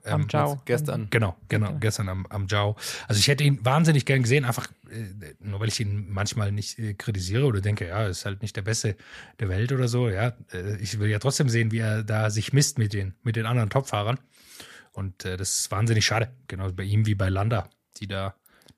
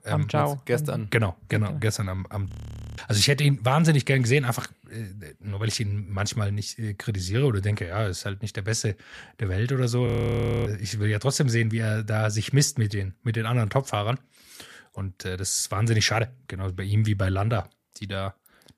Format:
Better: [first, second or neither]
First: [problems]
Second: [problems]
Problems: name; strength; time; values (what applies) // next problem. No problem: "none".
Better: first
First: none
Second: audio freezing; at 2.5 s and at 10 s for 0.5 s